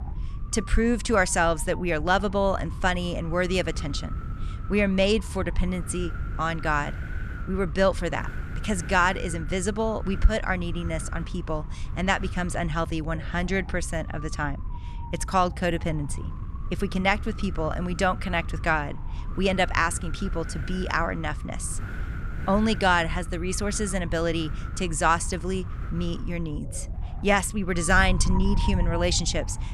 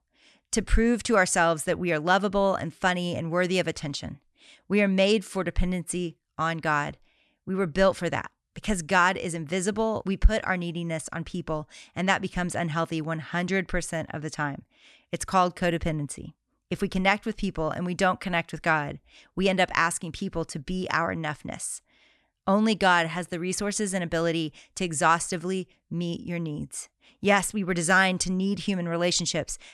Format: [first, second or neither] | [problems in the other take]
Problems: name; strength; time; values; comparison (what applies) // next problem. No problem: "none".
second | wind noise on the microphone; occasional gusts; 15 dB below the speech